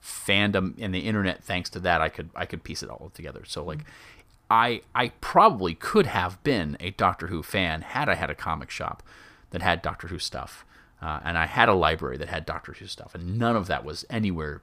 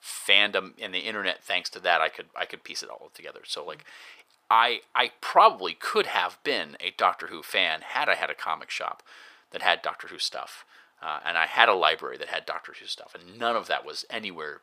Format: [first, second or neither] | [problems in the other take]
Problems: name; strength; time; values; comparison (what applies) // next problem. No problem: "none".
first | thin; very; fading below 550 Hz